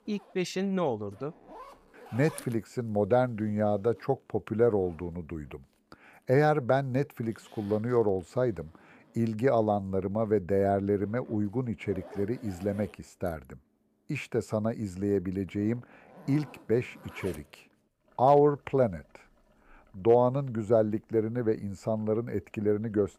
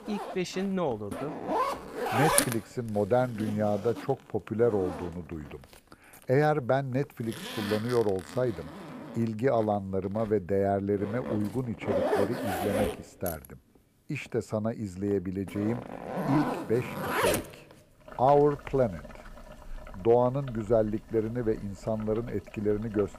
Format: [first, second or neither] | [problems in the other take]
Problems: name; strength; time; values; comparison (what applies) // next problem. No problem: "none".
first | household noises; loud; throughout; 4 dB below the speech; faint in the first